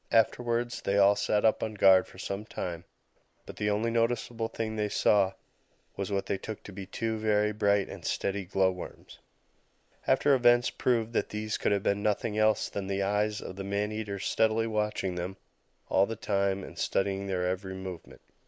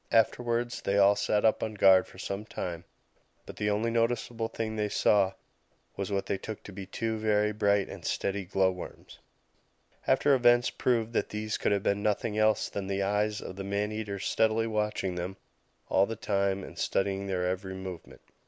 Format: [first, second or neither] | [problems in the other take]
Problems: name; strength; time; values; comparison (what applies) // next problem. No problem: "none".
second | noise reduction (neural mask model Resemble Enhance denoiser)